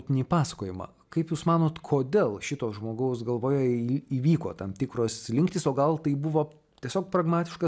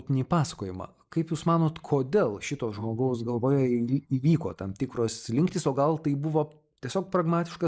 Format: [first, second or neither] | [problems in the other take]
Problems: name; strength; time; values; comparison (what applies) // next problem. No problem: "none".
first | noise reduction (neural mask model Resemble Enhance denoiser)